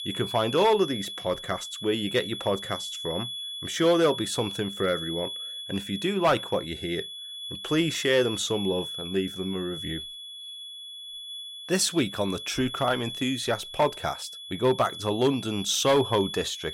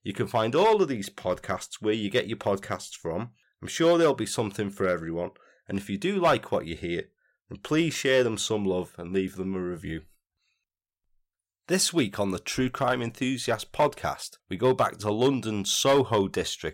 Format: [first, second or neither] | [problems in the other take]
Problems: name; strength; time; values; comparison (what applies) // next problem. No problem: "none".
second | high-pitched whine; loud; throughout; 3.5 kHz, 8 dB below the speech